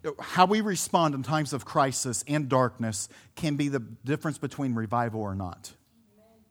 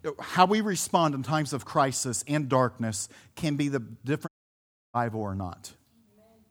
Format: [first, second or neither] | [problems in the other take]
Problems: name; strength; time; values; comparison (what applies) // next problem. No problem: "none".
first | audio cutting out; at 4.5 s for 0.5 s